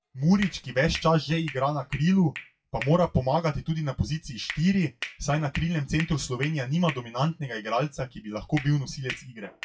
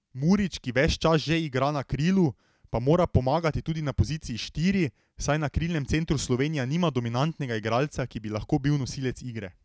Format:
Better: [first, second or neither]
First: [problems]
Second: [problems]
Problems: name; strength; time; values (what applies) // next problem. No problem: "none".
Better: second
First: noise reduction (classical method WPE with log-MMSE)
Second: none